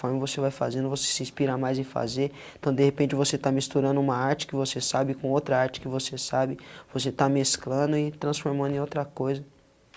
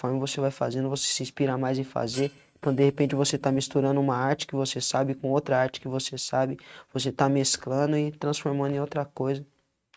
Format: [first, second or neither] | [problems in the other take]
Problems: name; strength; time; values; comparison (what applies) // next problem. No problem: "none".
first | noise reduction (neural mask model RNNoise)